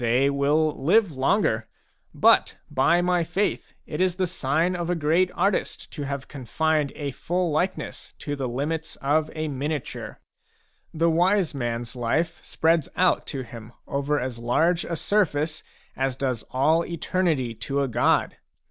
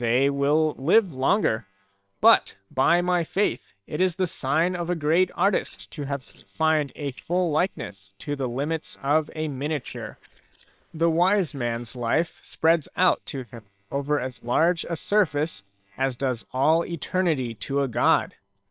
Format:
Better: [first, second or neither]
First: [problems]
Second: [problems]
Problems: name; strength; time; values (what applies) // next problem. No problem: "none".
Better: first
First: none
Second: noise reduction (neural separator model SepFormer WHAM!)